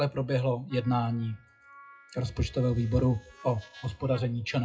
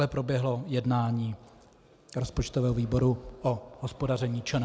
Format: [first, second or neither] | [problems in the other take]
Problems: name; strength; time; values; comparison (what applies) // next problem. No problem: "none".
second | noise reduction (classical method WPE with log-MMSE)